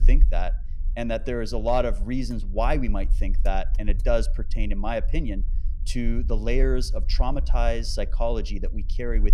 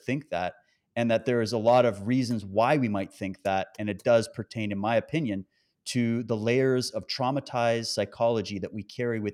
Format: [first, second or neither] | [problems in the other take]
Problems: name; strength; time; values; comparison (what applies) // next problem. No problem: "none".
second | low rumble; faint; throughout; 25 dB below the speech